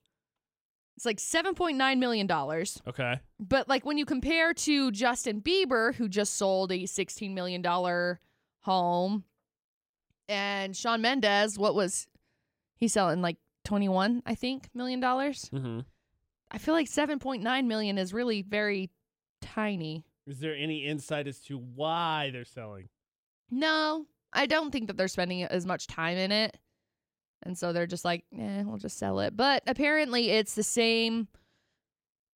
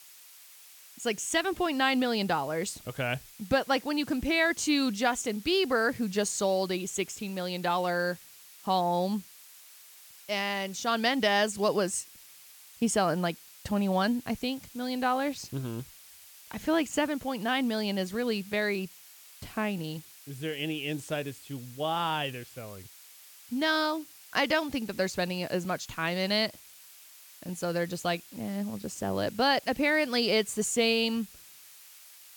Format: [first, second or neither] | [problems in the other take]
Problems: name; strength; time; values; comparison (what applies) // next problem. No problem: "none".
first | hiss; noticeable; throughout; 20 dB below the speech